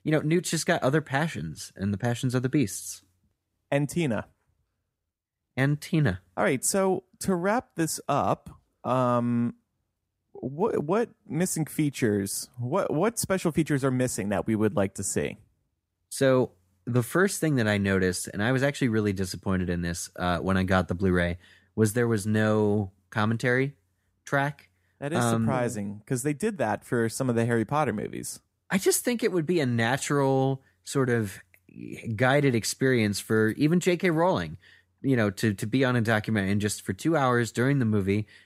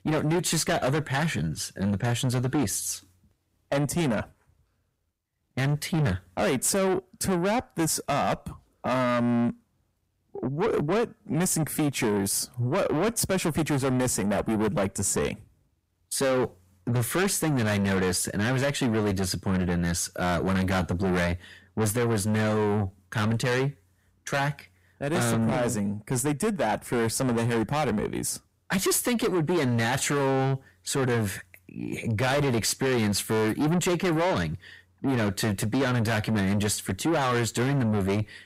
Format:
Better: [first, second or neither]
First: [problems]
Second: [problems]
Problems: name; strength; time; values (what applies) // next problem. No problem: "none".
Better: first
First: none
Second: distortion; heavy; 6 dB below the speech